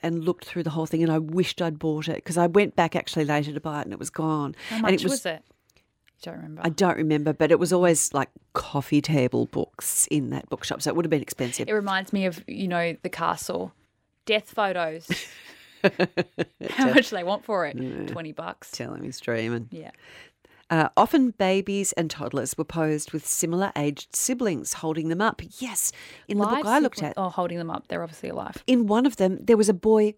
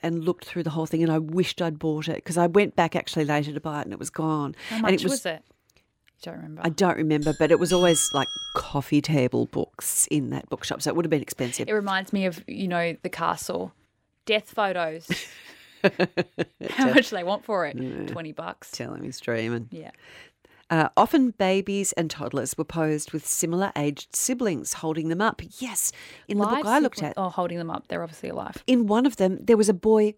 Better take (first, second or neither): first